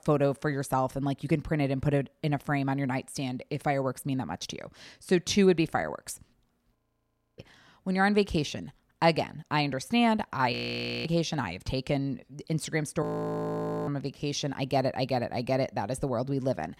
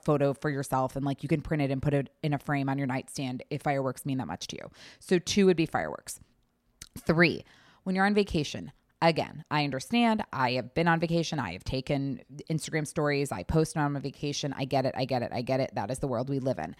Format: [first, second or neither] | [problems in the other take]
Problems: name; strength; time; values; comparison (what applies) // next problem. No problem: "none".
second | audio freezing; at 7 s for 0.5 s, at 11 s for 0.5 s and at 13 s for 1 s